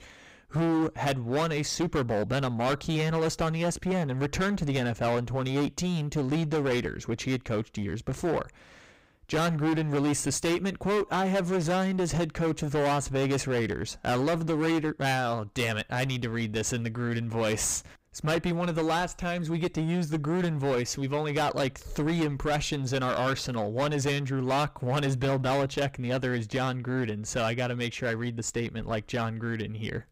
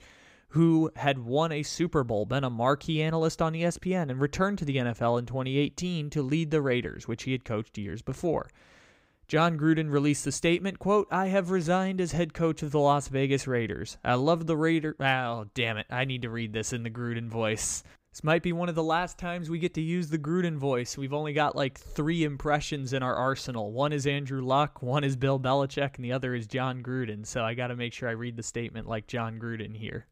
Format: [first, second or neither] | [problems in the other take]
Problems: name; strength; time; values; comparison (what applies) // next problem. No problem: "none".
second | distortion; heavy; 18% of the sound clipped